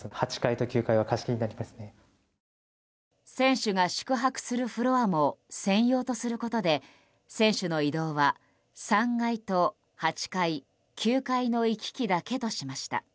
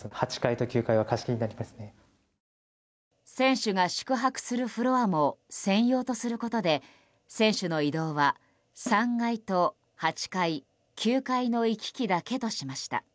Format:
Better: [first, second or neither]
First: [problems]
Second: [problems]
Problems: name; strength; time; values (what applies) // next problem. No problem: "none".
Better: first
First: none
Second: background sound (Snare drum); 17 dB below the speech